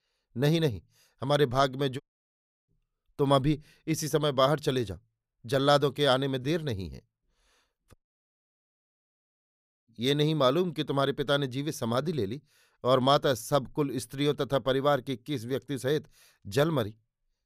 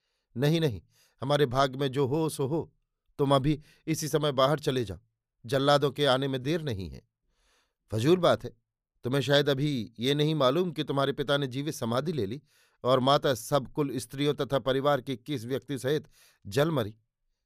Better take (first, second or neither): second